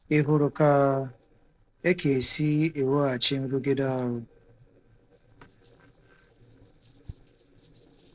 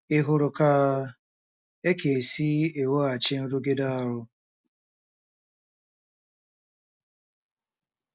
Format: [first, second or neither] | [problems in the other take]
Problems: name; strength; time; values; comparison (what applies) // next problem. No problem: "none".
second | noise reduction (neural separator model SepFormer DNS4)